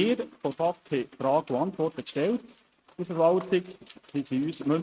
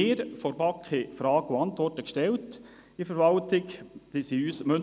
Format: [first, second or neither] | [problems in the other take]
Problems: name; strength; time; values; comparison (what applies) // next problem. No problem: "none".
second | noise reduction (neural mask model RNNoise)